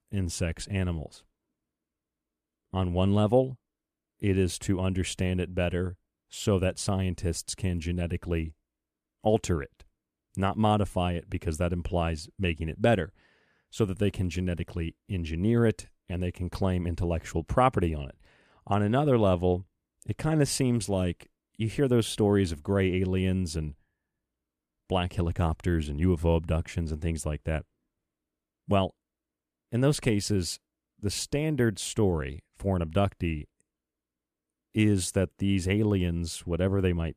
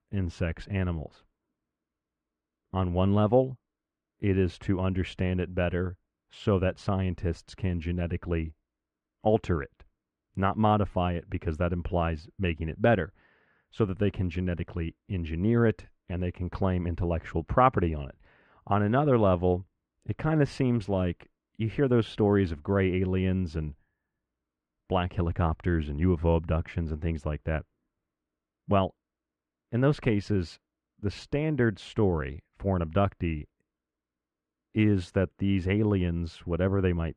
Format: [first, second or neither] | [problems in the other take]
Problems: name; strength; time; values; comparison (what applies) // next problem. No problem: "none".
first | muffled; slightly; fading above 2.5 kHz